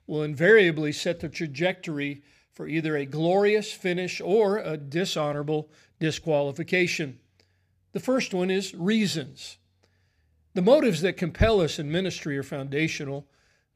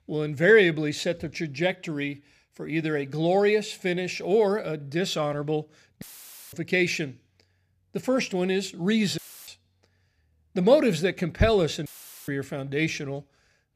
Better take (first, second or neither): first